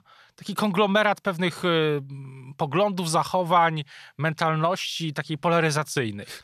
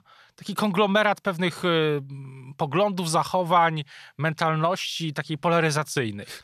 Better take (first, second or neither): neither